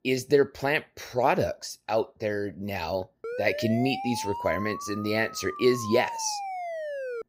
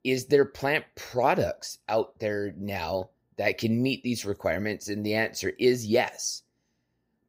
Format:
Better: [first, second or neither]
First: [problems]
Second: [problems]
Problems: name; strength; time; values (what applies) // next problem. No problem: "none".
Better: second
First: siren; noticeable; from 3 s on; peak 6 dB below the speech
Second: none